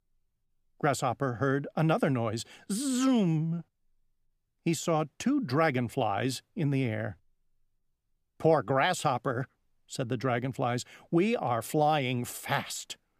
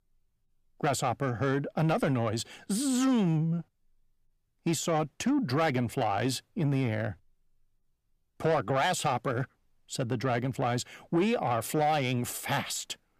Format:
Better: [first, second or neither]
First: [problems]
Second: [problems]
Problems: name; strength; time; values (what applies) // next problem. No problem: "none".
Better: first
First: none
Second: distortion; slight; 10 dB below the speech